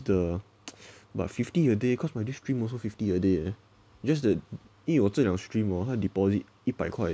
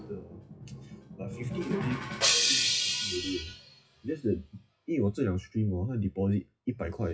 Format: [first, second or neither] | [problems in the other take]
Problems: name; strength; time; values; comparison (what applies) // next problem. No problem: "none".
first | noise reduction (classical method WPE with log-MMSE)